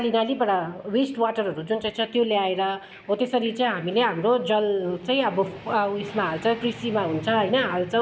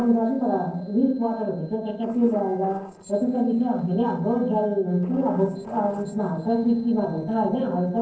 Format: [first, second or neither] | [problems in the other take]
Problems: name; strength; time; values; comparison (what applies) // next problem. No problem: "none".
first | noise reduction (neural separator model SepFormer DNS4)